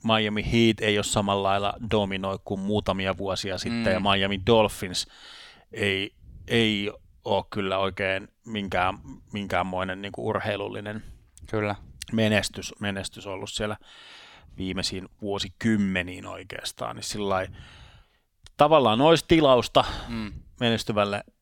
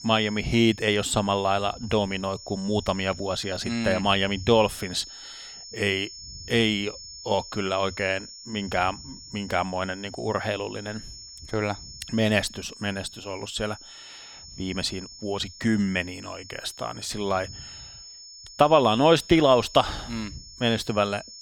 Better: first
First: none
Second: high-pitched whine; noticeable; throughout; 5.5 kHz, 15 dB below the speech

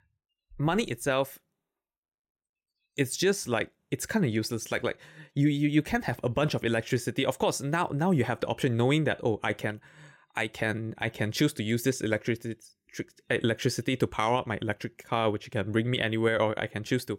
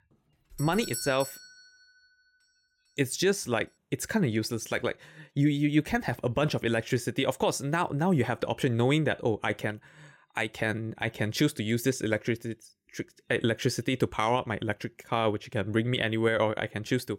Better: first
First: none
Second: doorbell; noticeable; at 0.5 s; peak 7 dB below the speech

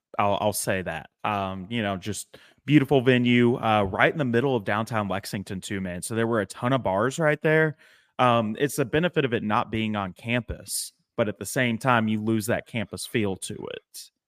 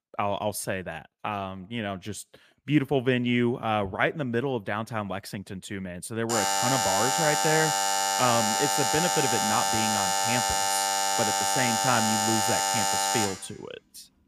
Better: first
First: none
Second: alarm; loud; from 6.5 to 13 s; peak 5 dB above the speech

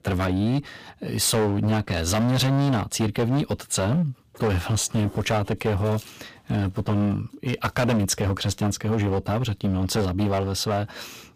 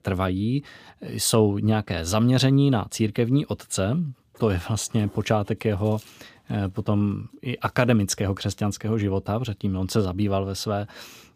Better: second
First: distortion; heavy; 16% of the sound clipped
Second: none

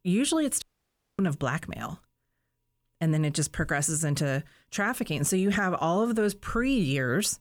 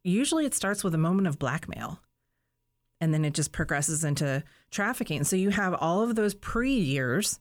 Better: second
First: audio cutting out; at 0.5 s for 0.5 s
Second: none

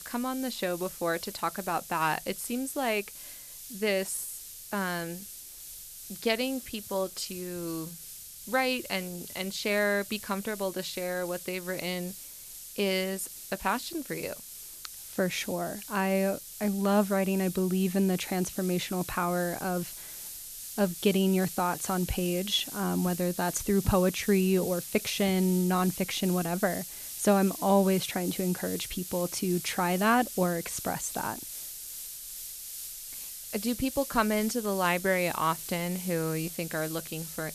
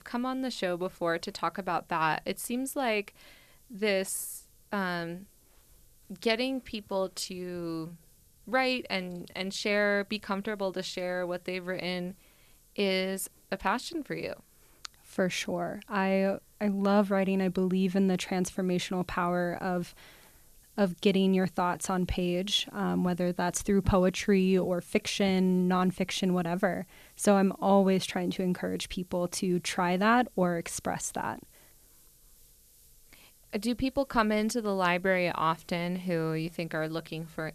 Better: second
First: hiss; loud; throughout; 10 dB below the speech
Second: hiss; faint; throughout; 30 dB below the speech

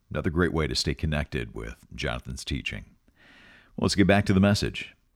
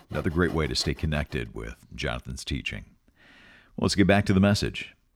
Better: first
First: none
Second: machinery noise; faint; until 1.5 s; 20 dB below the speech

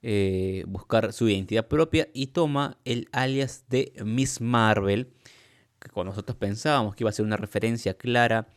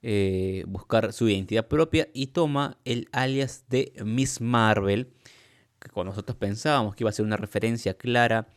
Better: neither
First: none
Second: none

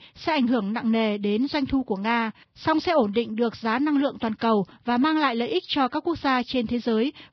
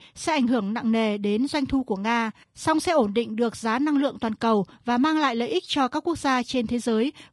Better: second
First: garbled, watery; badly; nothing above 5 kHz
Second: garbled, watery; slightly; nothing above 10.5 kHz

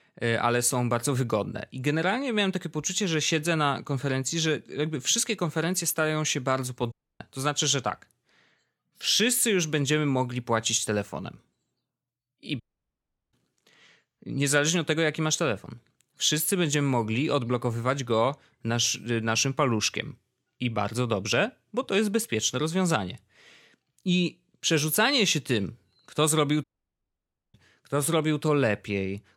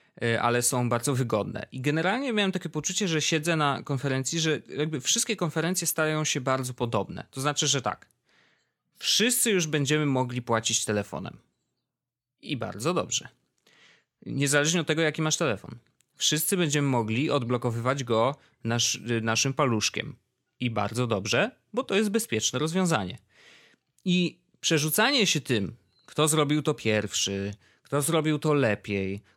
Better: second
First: audio cutting out; at 7 s, at 13 s for 0.5 s and at 27 s for 1 s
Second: none

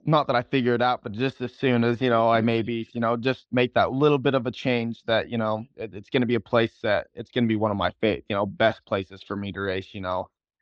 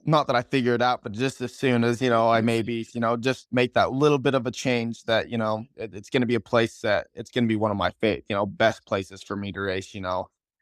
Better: second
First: muffled; very slightly; fading above 4 kHz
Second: none

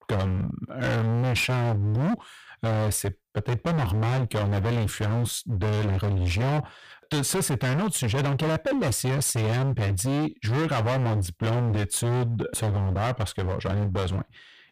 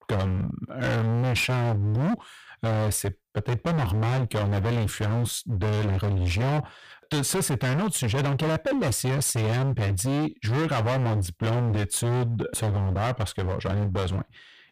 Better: neither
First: distortion; heavy; 39% of the sound clipped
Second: distortion; heavy; 39% of the sound clipped

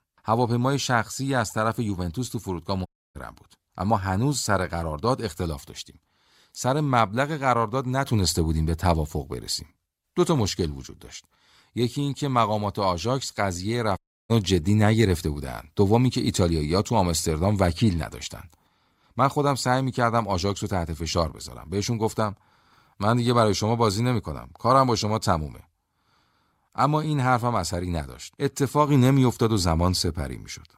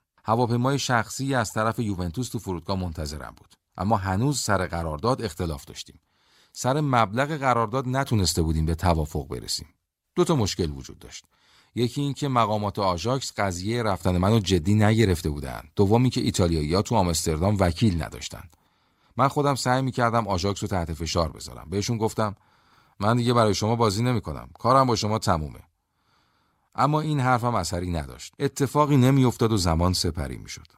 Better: second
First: audio cutting out; at 3 s and at 14 s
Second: none

